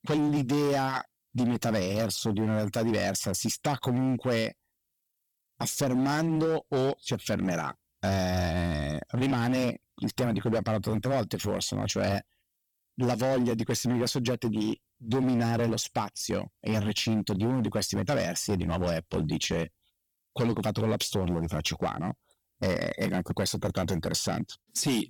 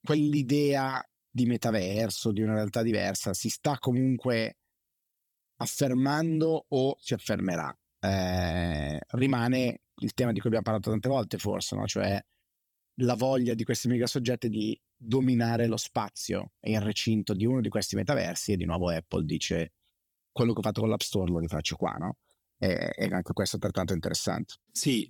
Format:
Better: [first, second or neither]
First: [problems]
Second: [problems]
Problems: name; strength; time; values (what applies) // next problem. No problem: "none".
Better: second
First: distortion; slight; 12% of the sound clipped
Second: none